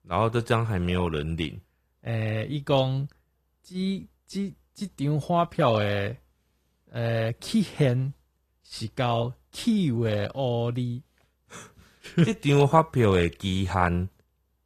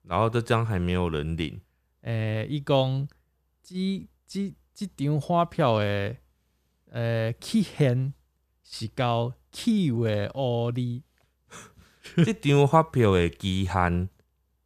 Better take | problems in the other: second | garbled, watery; slightly; nothing above 15 kHz

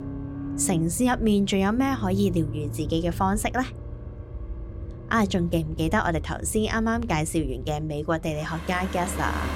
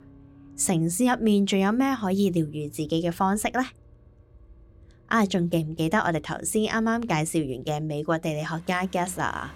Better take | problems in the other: second | traffic noise; loud; throughout; 10 dB below the speech; faint in the second

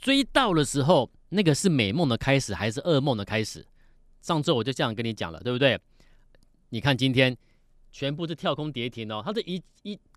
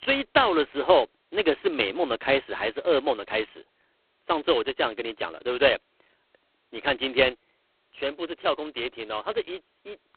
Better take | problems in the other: first | phone-call audio; poor line; nothing above 3.5 kHz

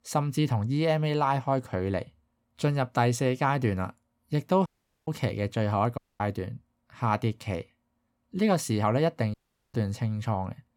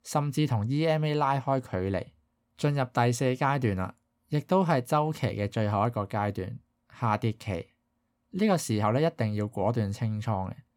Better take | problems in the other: second | audio cutting out; at 4.5 s, at 6 s and at 9.5 s

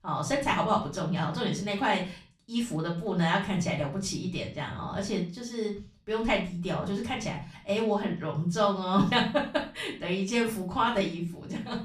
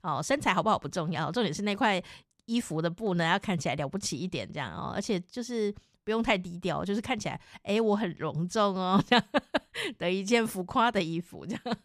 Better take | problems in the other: second | off-mic speech; far // room echo; slight; dies away in 0.3 s

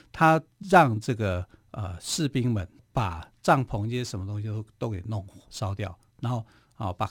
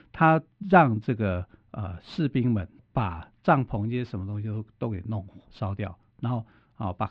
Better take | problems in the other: first | muffled; very; fading above 3 kHz

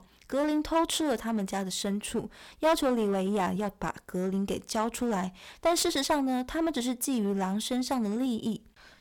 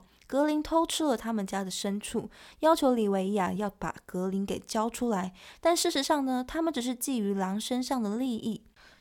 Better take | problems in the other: second | distortion; slight; 7% of the sound clipped

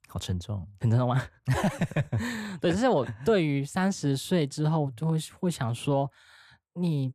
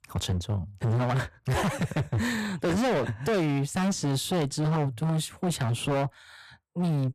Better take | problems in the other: first | distortion; heavy; 24% of the sound clipped

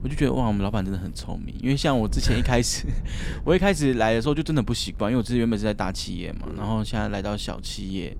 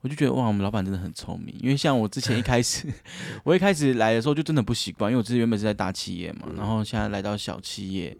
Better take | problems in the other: second | wind noise on the microphone; occasional gusts; 25 dB below the speech

